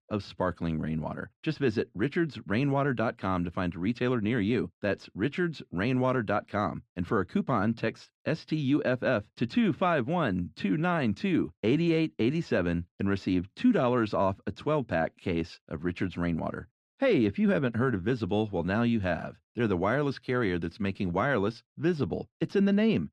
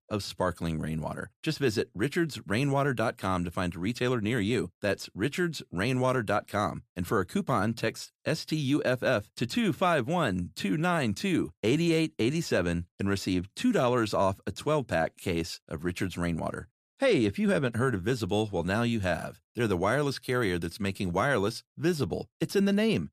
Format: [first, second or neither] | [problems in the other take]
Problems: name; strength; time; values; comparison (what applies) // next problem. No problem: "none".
second | muffled; slightly; fading above 3 kHz